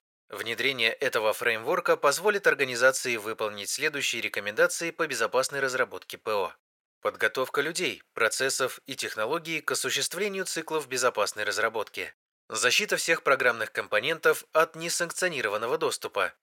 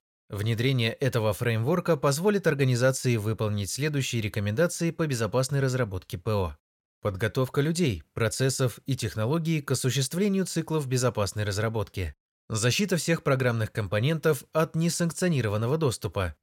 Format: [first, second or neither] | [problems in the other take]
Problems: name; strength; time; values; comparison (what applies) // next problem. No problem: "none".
second | thin; very; fading below 550 Hz